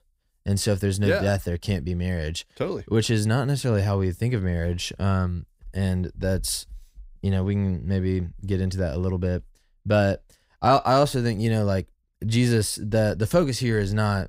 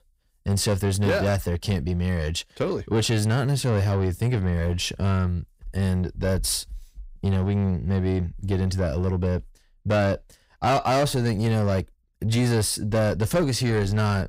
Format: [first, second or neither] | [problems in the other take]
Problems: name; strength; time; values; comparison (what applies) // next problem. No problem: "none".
first | distortion; slight; 10 dB below the speech